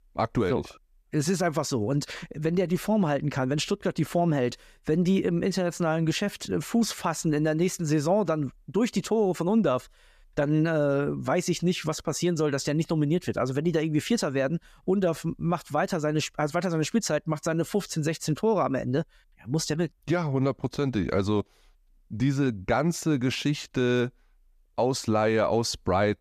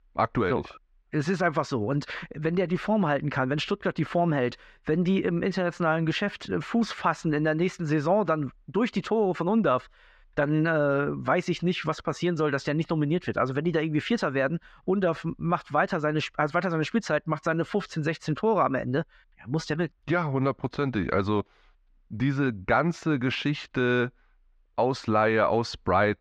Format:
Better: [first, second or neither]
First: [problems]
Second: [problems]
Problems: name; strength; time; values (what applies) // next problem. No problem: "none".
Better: first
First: none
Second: muffled; slightly; fading above 3 kHz